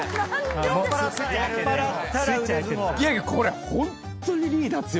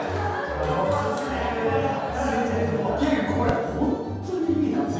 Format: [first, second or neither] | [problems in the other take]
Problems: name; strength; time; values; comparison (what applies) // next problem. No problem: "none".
first | background sound (Fireworks); 15 dB below the speech // room echo; dies away in 1.2 s